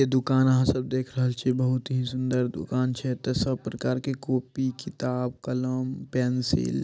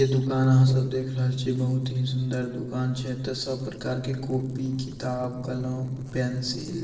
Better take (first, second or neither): first